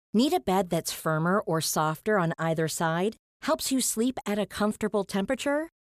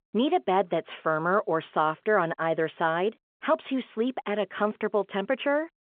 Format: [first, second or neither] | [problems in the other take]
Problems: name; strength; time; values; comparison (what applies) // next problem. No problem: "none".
first | phone-call audio; nothing above 3.5 kHz